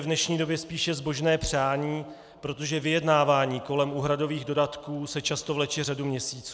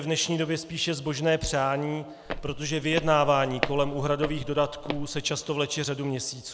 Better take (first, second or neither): first